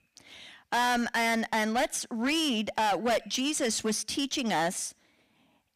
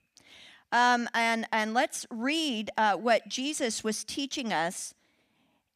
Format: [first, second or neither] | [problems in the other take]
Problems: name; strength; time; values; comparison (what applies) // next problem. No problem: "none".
second | distortion; heavy; 12% of the sound clipped